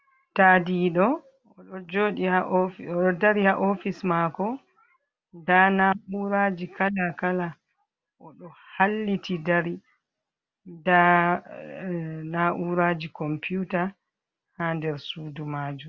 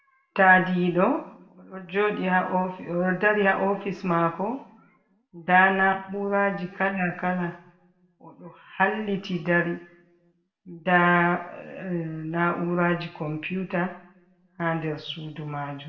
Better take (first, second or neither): first